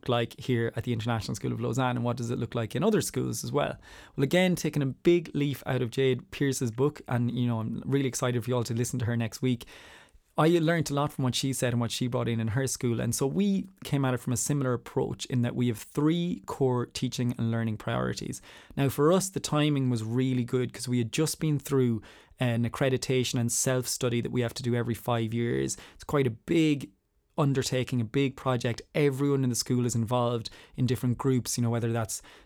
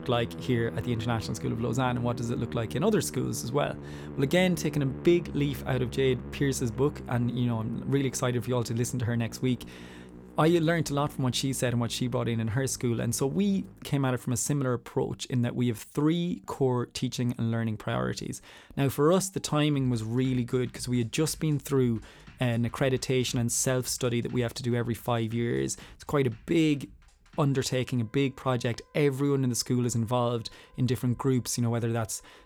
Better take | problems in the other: first | background music; noticeable; throughout; 15 dB below the speech

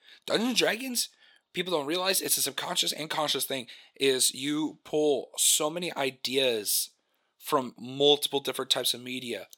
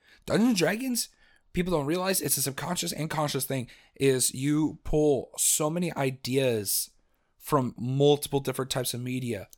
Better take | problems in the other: second | thin; very slightly; fading below 300 Hz

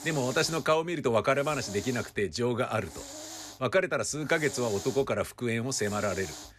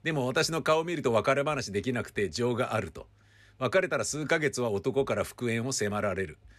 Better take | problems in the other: second | hiss; noticeable; throughout; 10 dB below the speech

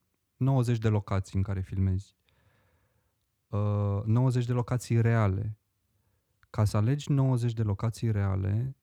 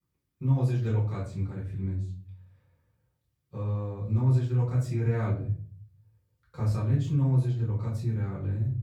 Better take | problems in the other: first | off-mic speech; far // room echo; slight; dies away in 0.5 s

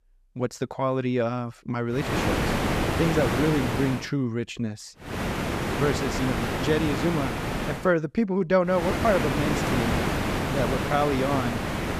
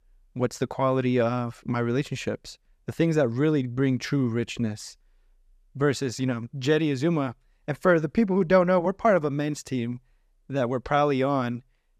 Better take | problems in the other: second | hiss; loud; from 2 to 4 s, from 5 to 8 s and from 9 s on; 1 dB below the speech

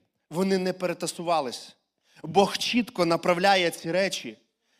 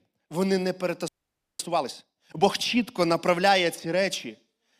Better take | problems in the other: first | audio freezing; at 1 s for 0.5 s

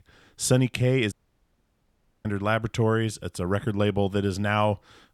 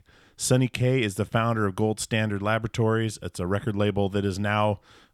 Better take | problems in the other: second | audio cutting out; at 1 s for 1 s

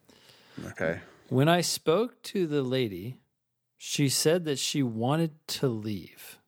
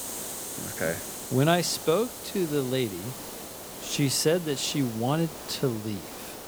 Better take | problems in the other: first | hiss; loud; throughout; 10 dB below the speech

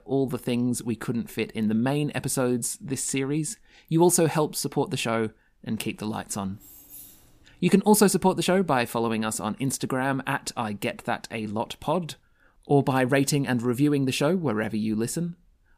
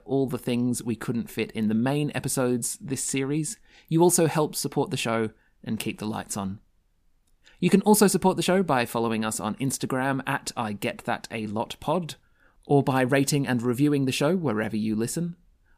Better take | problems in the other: second | jangling keys; faint; from 6.5 to 7.5 s; peak 15 dB below the speech

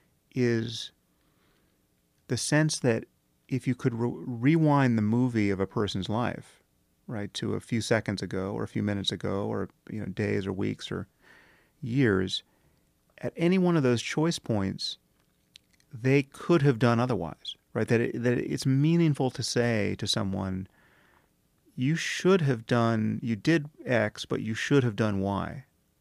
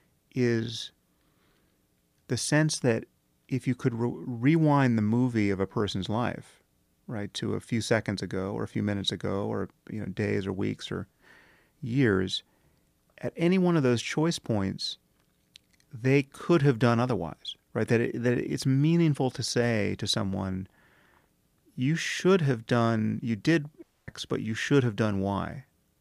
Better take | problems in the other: first | audio cutting out; at 24 s

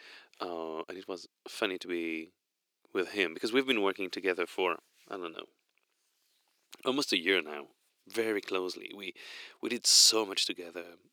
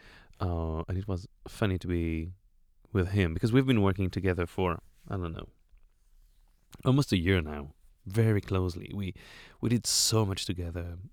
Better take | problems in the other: second | thin; somewhat; fading below 350 Hz

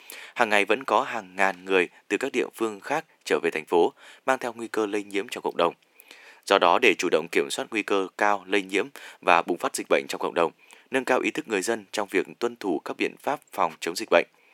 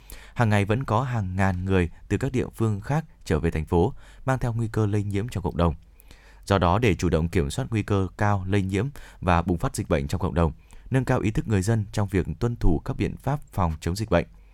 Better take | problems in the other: second | thin; very; fading below 300 Hz

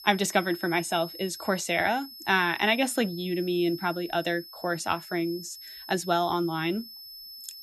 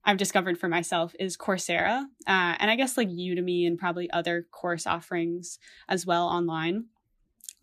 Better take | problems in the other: second | high-pitched whine; noticeable; throughout; 5.5 kHz, 15 dB below the speech

